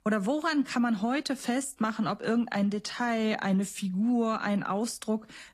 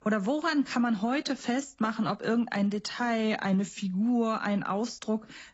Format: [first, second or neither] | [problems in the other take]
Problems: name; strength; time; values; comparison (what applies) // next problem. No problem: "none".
first | garbled, watery; badly; nothing above 7.5 kHz; slightly in the first